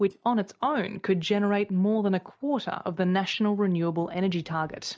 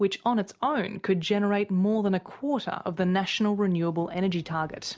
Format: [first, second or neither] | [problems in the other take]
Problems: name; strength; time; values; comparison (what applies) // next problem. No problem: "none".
second | noise reduction (neural mask model DeepFilterNet 3)